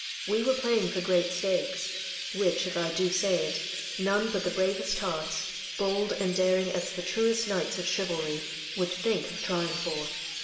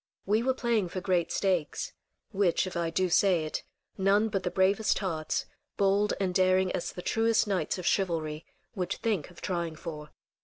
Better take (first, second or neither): second